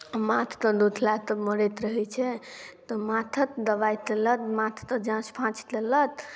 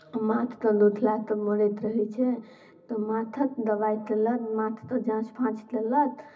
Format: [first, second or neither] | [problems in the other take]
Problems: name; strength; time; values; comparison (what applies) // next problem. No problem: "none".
first | room echo; dies away in 0.4 s